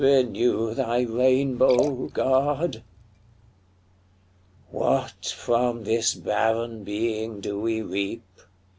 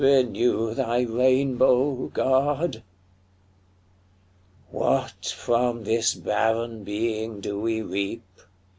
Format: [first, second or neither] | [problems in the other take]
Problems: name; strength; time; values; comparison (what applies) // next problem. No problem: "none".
second | background sound (Liquid); 11 dB below the speech